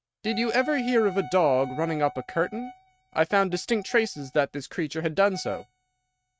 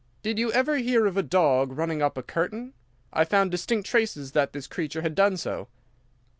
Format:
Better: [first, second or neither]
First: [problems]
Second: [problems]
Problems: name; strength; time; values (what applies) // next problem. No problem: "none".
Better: second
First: noise reduction (neural mask model RNNoise)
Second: none